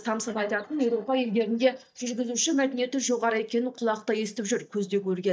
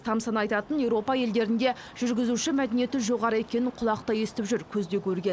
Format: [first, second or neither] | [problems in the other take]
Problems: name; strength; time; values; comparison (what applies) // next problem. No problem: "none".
second | noise reduction (neural mask model DeepFilterNet 3)